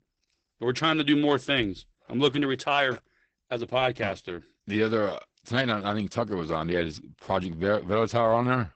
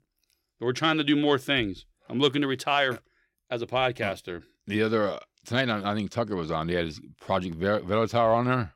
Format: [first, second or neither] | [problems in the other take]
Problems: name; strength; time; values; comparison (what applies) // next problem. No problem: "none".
second | garbled, watery; badly; nothing above 8 kHz